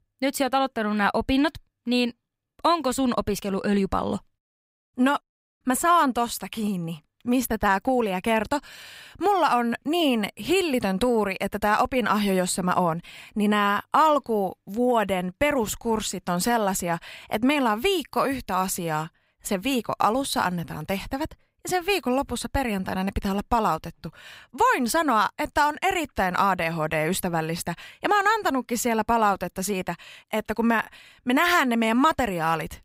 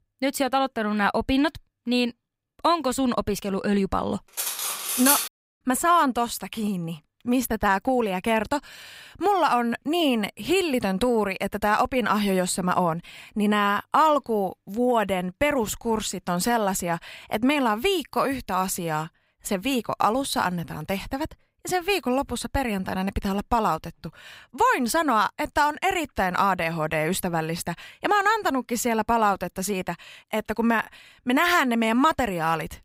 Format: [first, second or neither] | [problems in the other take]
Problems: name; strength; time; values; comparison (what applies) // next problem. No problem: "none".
first | clattering dishes; loud; at 4.5 s; peak 4 dB above the speech